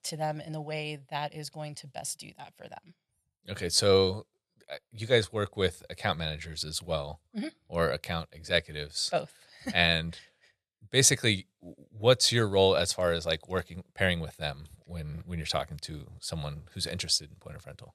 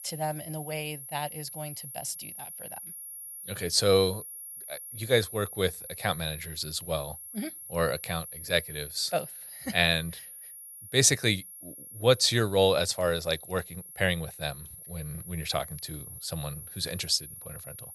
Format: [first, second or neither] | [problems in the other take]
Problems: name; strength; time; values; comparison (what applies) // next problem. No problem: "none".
first | high-pitched whine; noticeable; throughout; 10.5 kHz, 10 dB below the speech